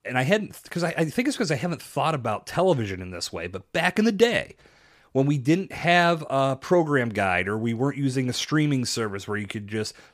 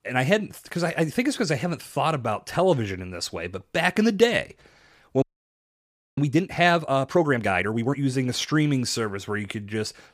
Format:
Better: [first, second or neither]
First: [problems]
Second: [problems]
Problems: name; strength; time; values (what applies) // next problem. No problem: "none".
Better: first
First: none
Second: audio freezing; at 5 s for 1 s